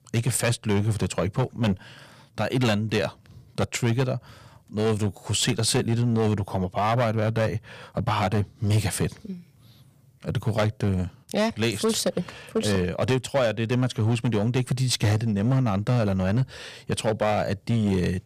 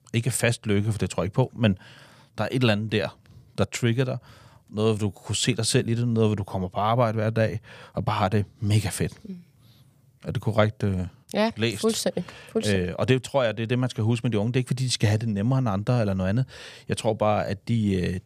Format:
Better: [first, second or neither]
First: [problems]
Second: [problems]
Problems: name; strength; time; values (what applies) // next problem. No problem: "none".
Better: second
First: distortion; slight; 8% of the sound clipped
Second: none